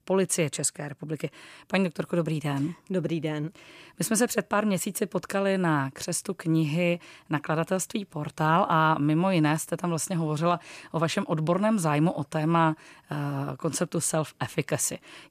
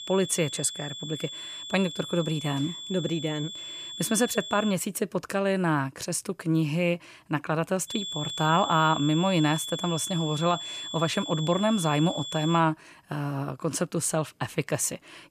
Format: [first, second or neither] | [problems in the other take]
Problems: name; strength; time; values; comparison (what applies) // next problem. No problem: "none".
first | high-pitched whine; loud; until 4.5 s and from 8 to 13 s; 3.5 kHz, 7 dB below the speech